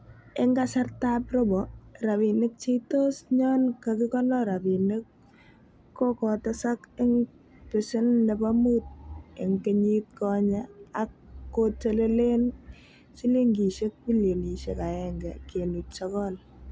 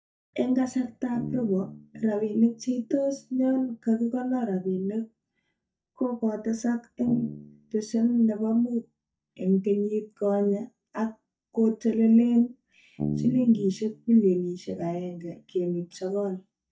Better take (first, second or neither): first